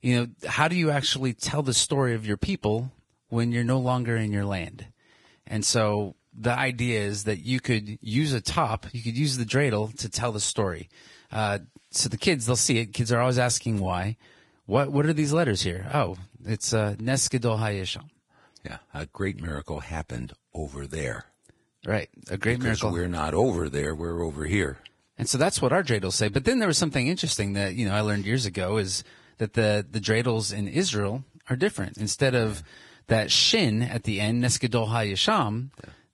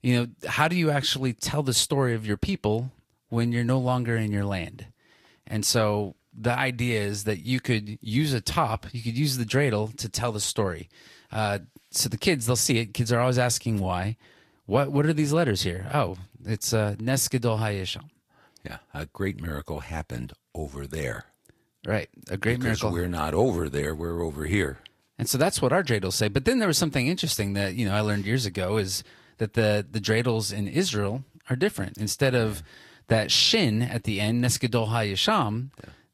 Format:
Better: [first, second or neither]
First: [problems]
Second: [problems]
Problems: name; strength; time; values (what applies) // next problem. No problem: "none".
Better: second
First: garbled, watery; badly; nothing above 10.5 kHz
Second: garbled, watery; slightly; nothing above 12.5 kHz